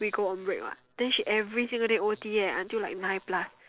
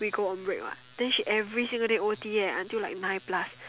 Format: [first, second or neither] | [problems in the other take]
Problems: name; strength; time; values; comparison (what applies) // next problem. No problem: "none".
second | noise reduction (neural separator model SepFormer DNS4)